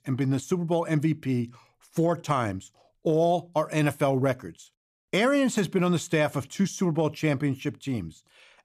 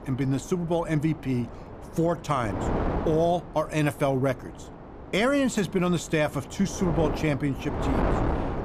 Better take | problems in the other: first | wind noise on the microphone; heavy; 8 dB below the speech

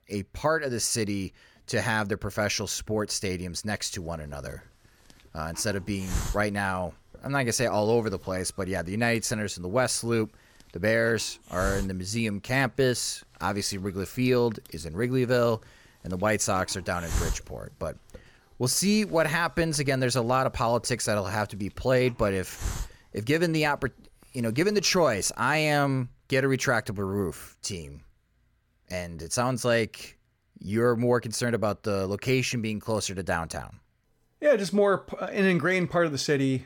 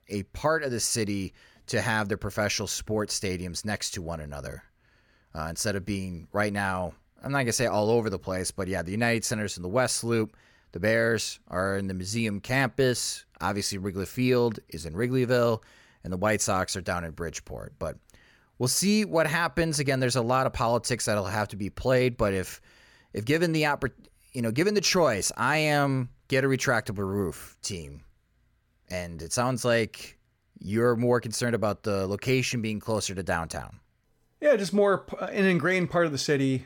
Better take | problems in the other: second | hiss; noticeable; from 4 to 25 s; 15 dB below the speech

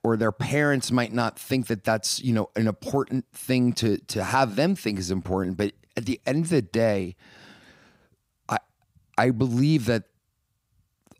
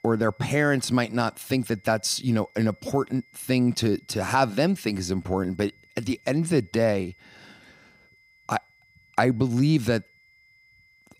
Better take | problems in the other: first | high-pitched whine; faint; throughout; 2 kHz, 30 dB below the speech

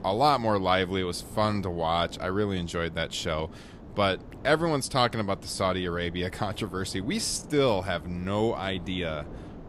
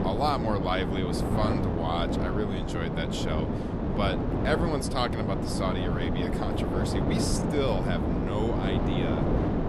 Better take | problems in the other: first | wind noise on the microphone; heavy; 1 dB below the speech; occasional gusts in the first

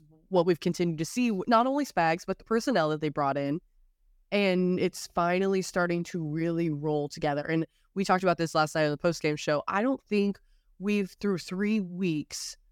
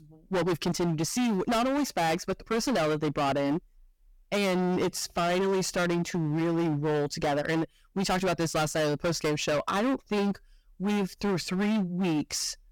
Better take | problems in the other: first | distortion; heavy; 26% of the sound clipped

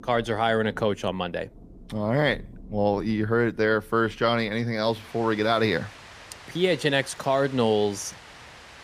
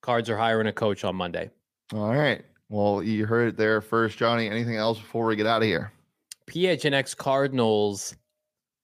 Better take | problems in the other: second | rain or running water; faint; throughout; 20 dB below the speech

